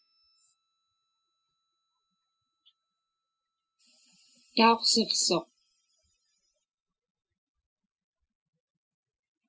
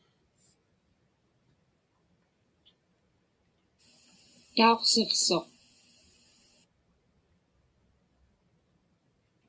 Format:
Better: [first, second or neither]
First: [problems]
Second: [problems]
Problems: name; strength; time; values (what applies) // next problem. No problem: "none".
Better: second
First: noise reduction (classical method spectral subtraction)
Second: none